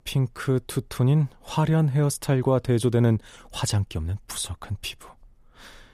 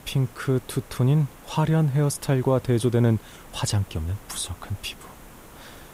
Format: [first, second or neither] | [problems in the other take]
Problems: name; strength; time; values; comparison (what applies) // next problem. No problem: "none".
first | hiss; faint; throughout; 20 dB below the speech